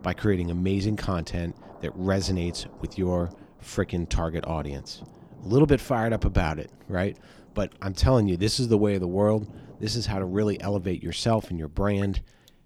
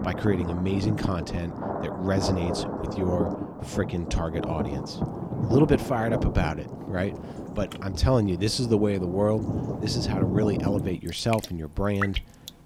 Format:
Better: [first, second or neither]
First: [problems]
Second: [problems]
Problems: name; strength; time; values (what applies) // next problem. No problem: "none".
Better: first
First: rain or running water; faint; throughout; 20 dB below the speech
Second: rain or running water; loud; throughout; 4 dB below the speech